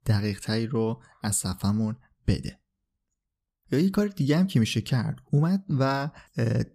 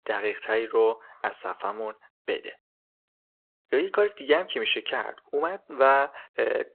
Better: first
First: none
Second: phone-call audio

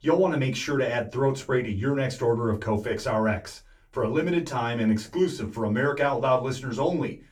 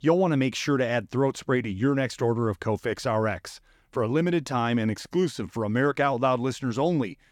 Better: second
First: off-mic speech; far // room echo; very slight; dies away in 0.2 s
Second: none

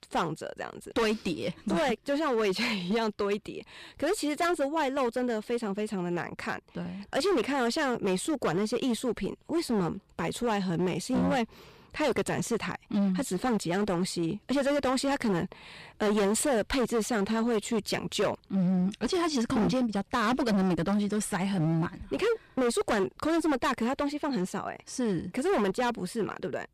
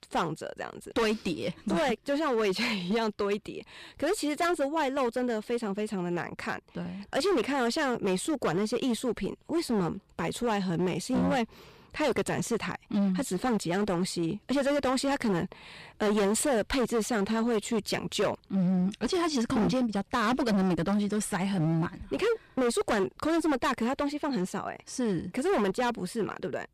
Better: neither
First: distortion; heavy; 15% of the sound clipped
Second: distortion; heavy; 15% of the sound clipped

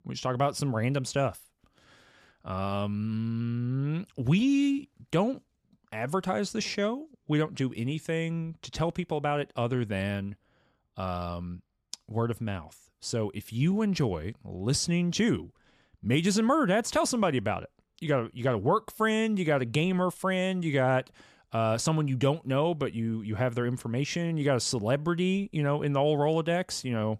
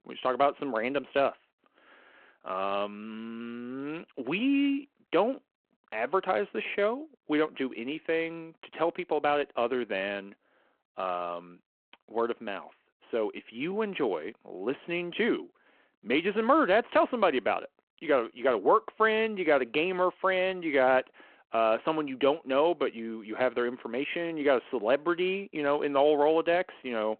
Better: first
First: none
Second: phone-call audio

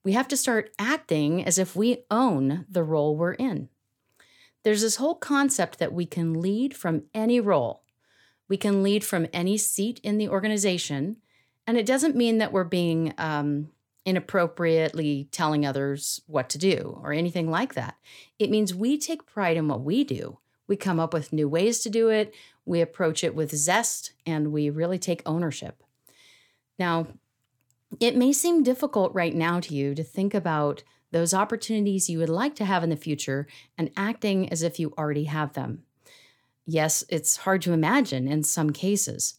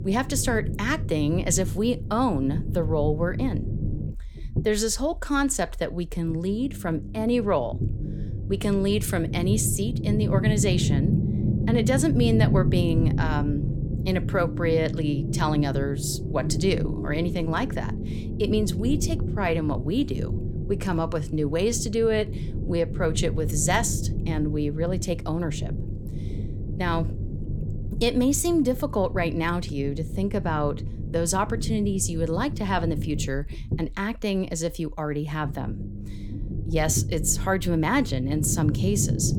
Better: first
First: none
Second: low rumble; noticeable; throughout; 10 dB below the speech

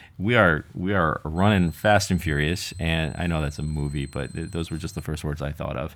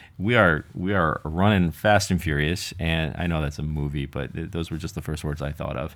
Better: second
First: high-pitched whine; faint; from 1.5 to 5 s; 8 kHz, 25 dB below the speech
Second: none

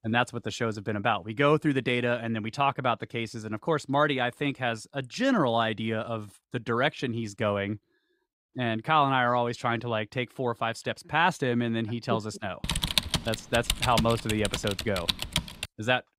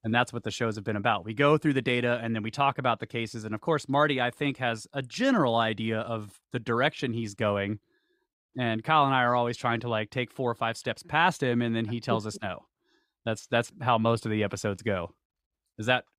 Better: second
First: keyboard typing; loud; from 13 to 16 s; peak 2 dB above the speech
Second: none

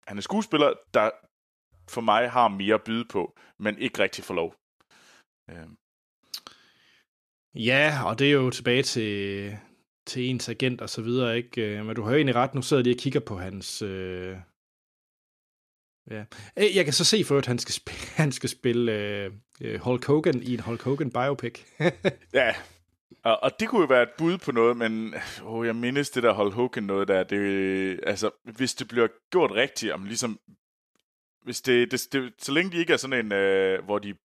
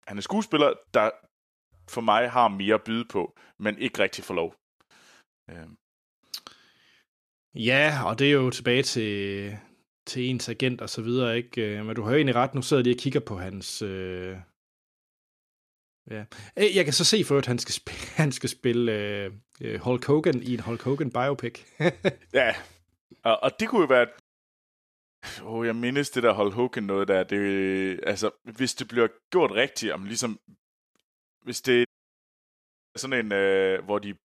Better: first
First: none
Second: audio cutting out; at 24 s for 1 s and at 32 s for 1 s

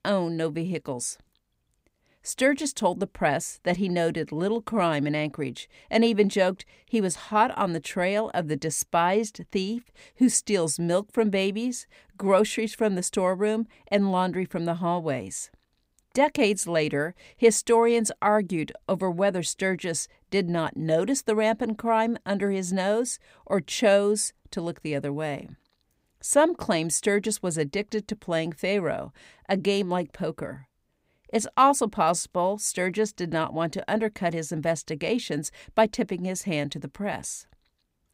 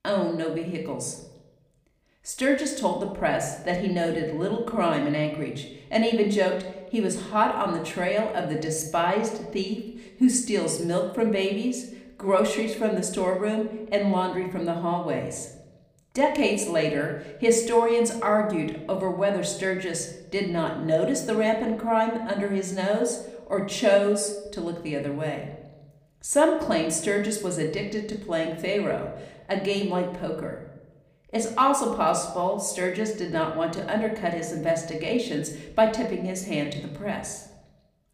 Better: first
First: none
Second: room echo; slight; dies away in 0.7 s // off-mic speech; somewhat distant

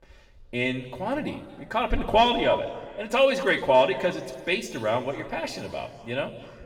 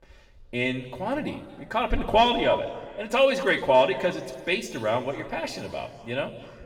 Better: neither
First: room echo; slight; dies away in 1.7 s // off-mic speech; far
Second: room echo; slight; dies away in 1.7 s // off-mic speech; far

